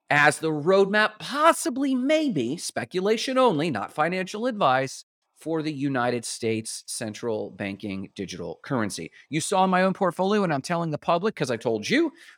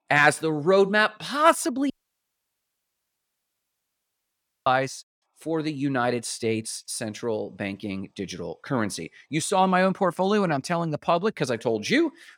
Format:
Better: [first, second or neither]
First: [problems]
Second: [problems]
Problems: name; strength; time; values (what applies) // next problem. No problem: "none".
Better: first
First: none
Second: audio cutting out; at 2 s for 3 s